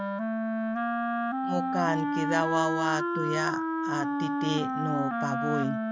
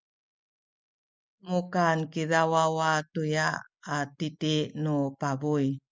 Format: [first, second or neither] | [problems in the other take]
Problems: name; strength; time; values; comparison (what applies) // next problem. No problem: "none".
second | background sound (Wind instrument, woodwind instrument); 3 dB above the speech